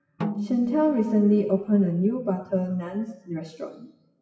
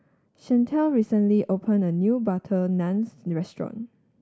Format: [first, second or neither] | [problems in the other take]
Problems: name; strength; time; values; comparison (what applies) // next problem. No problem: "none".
second | noise reduction (classical method WPE with log-MMSE)